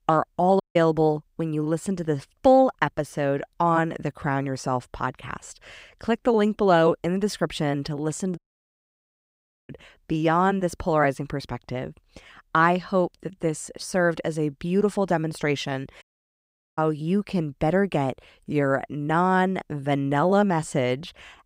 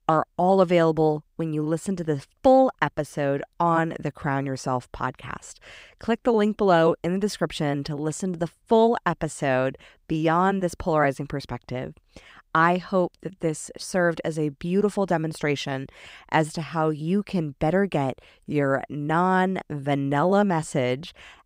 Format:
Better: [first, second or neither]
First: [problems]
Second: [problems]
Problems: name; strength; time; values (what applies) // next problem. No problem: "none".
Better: second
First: audio cutting out; at 0.5 s, at 8.5 s for 1.5 s and at 16 s for 1 s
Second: none